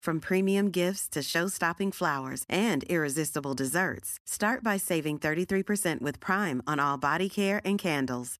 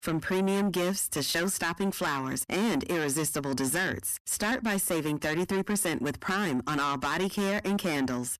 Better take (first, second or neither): first